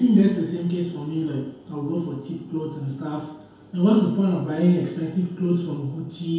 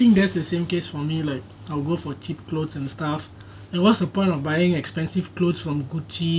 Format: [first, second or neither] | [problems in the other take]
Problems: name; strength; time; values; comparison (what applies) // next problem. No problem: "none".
second | room echo; dies away in 2.2 s